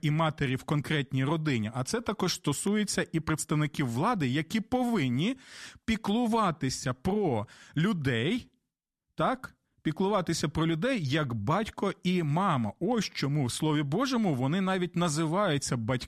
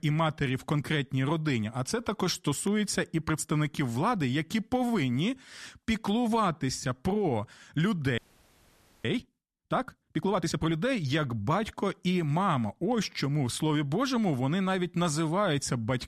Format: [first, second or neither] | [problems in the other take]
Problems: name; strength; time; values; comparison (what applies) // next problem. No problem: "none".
first | audio freezing; at 8 s for 1 s